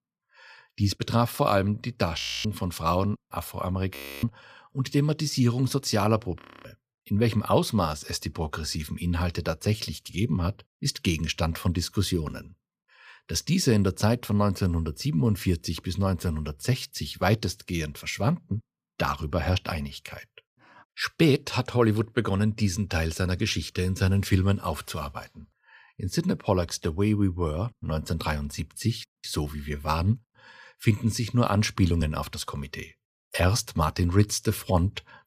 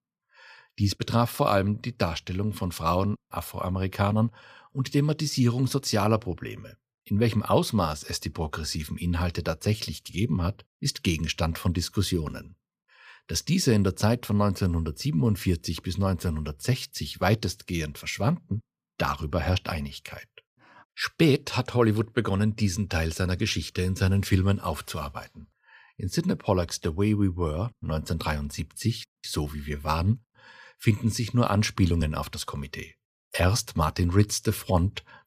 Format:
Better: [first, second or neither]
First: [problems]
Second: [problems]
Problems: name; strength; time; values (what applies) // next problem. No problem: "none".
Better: second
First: audio freezing; at 2 s, at 4 s and at 6.5 s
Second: none